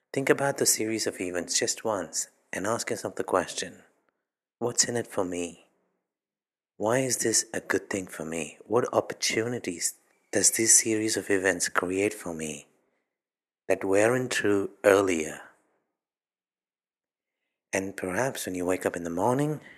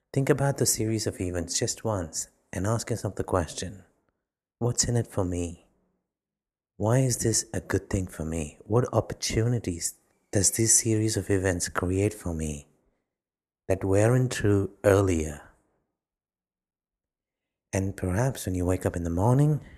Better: second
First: thin; somewhat; fading below 300 Hz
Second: none

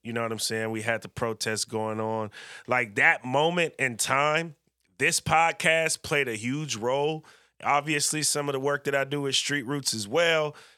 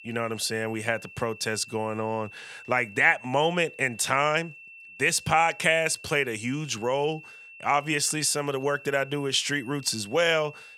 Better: first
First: none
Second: high-pitched whine; noticeable; throughout; 2.5 kHz, 20 dB below the speech

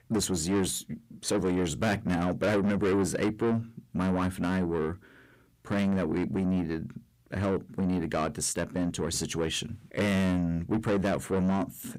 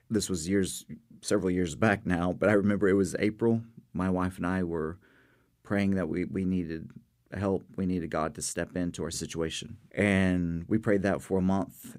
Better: second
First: distortion; heavy; 8 dB below the speech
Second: none

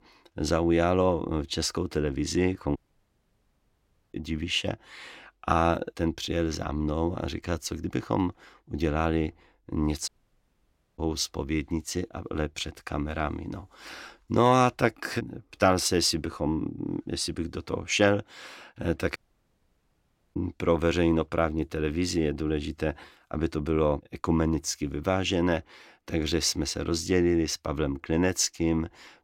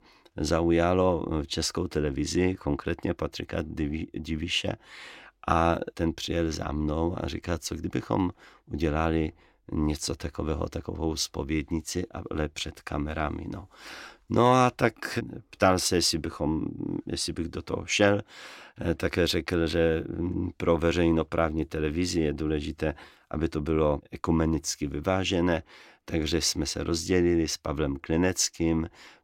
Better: second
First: audio cutting out; at 3 s for 1.5 s, at 10 s for 1 s and at 19 s for 1 s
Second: none

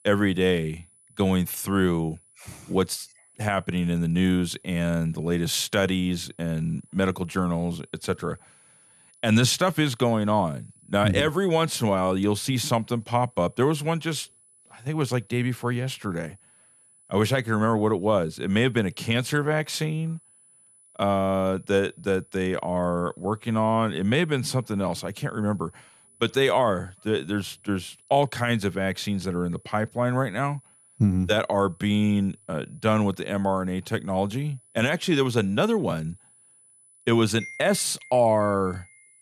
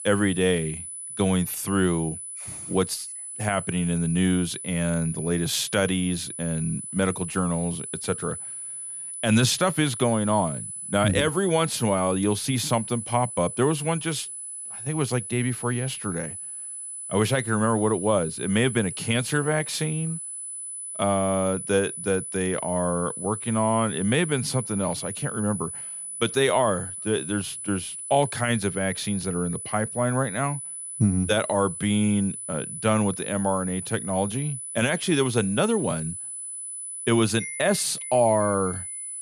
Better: first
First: high-pitched whine; faint; throughout; 10 kHz, 30 dB below the speech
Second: high-pitched whine; loud; throughout; 10 kHz, 7 dB below the speech

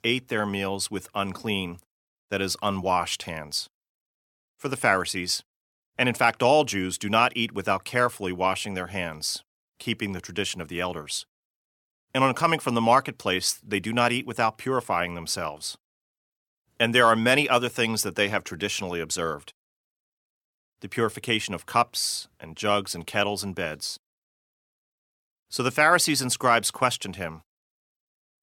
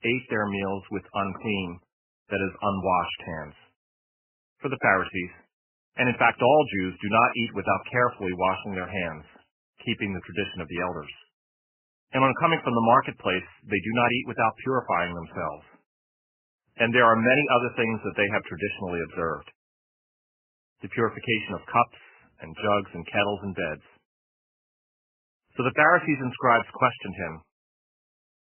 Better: first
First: none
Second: garbled, watery; badly; nothing above 3 kHz

